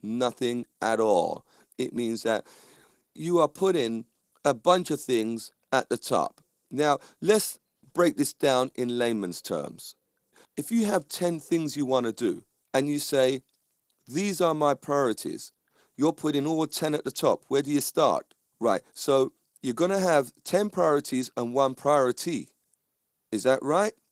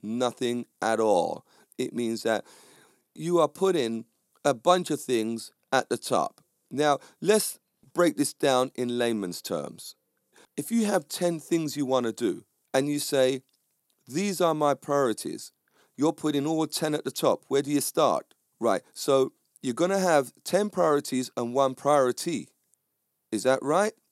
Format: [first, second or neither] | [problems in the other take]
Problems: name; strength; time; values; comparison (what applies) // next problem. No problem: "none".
second | garbled, watery; slightly; nothing above 16 kHz